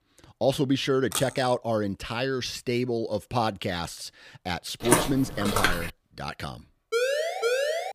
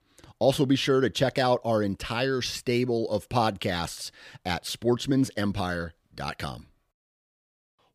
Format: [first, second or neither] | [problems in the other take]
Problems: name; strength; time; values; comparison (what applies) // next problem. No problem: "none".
second | clattering dishes; noticeable; at 1 s; peak 5 dB below the speech // footsteps; loud; from 5 to 6 s; peak 4 dB above the speech // siren; loud; from 7 s on; peak 2 dB above the speech